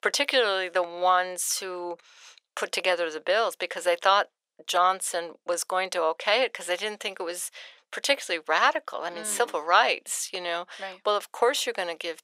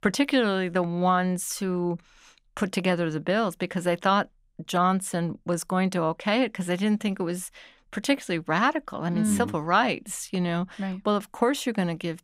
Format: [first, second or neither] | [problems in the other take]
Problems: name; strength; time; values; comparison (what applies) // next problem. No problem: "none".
second | thin; very; fading below 500 Hz